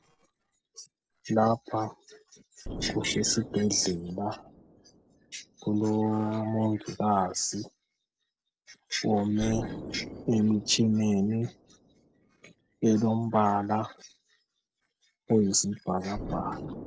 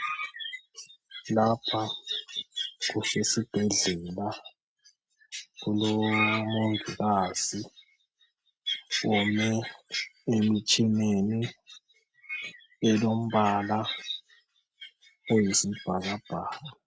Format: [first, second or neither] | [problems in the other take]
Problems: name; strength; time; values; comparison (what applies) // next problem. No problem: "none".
second | noise reduction (neural separator model SepFormer DNS4)